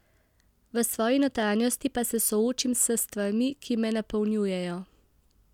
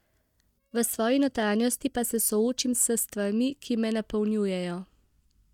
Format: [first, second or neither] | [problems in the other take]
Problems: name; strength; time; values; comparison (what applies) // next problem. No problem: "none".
first | noise reduction (neural mask model DeepFilterNet 3)